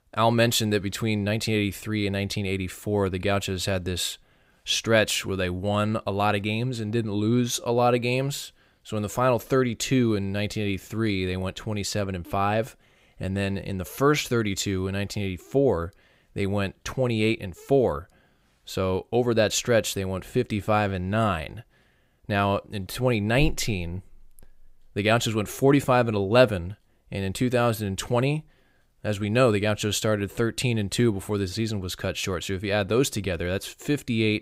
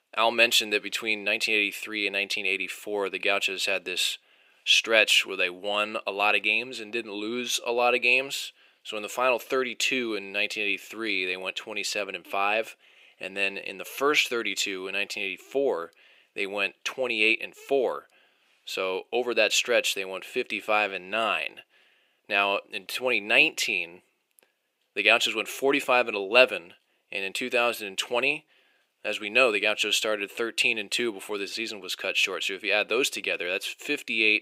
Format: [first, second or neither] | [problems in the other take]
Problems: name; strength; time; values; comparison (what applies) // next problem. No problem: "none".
first | thin; somewhat; fading below 350 Hz